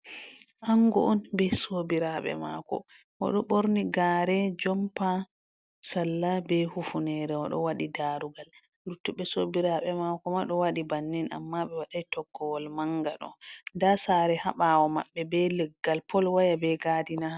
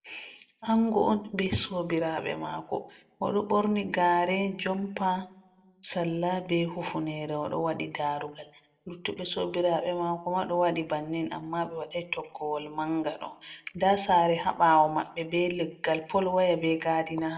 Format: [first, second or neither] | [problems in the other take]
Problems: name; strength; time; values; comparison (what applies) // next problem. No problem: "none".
first | room echo; dies away in 0.5 s